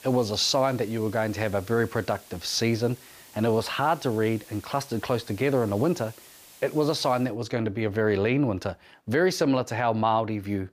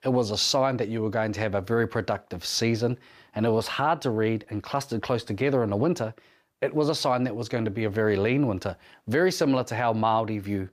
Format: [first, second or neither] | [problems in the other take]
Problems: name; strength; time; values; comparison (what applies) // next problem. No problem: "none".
second | hiss; faint; until 7.5 s; 20 dB below the speech